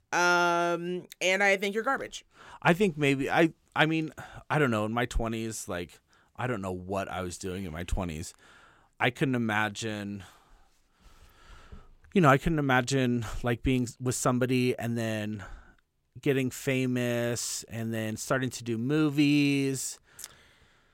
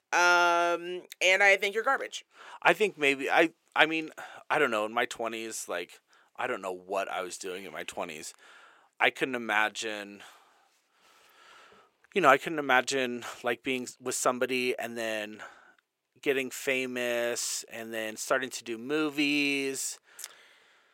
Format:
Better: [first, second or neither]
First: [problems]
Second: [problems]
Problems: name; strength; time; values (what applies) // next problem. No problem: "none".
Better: first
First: none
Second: thin; somewhat; fading below 450 Hz